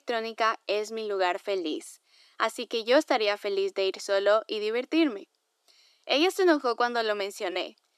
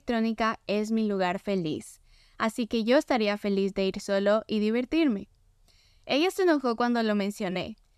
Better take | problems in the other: second | thin; somewhat; fading below 300 Hz

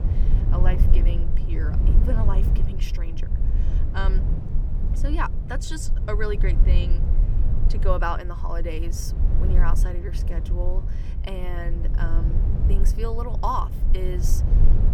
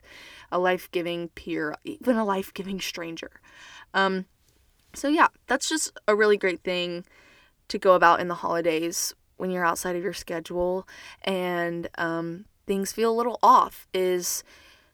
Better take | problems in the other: second | low rumble; loud; throughout; 8 dB below the speech

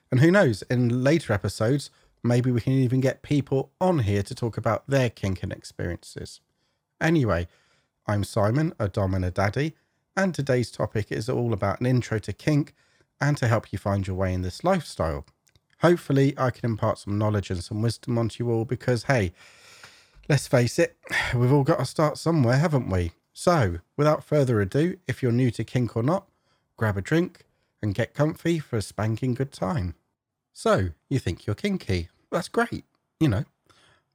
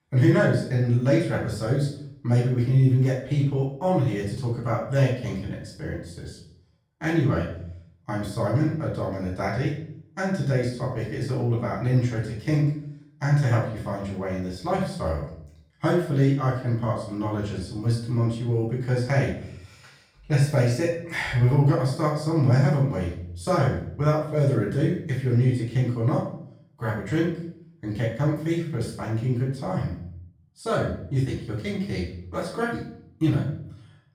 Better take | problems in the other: first | off-mic speech; far // room echo; noticeable; dies away in 0.5 s

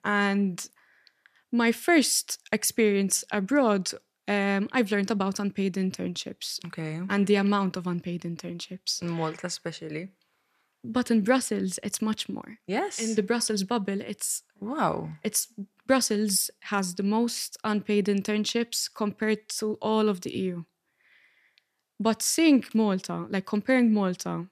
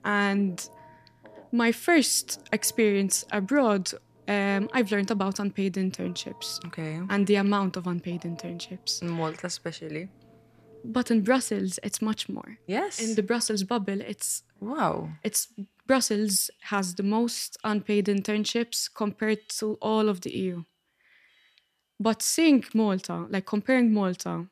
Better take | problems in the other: first | alarms or sirens; faint; throughout; 30 dB below the speech

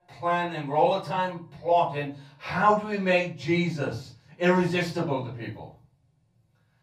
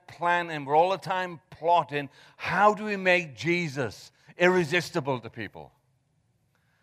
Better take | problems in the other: second | room echo; slight; dies away in 0.5 s // off-mic speech; far

